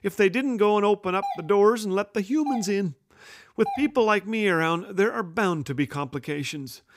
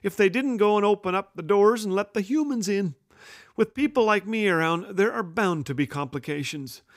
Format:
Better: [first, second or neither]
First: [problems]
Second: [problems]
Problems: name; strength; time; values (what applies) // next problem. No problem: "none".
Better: second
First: doorbell; noticeable; from 1 to 4 s; peak 9 dB below the speech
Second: none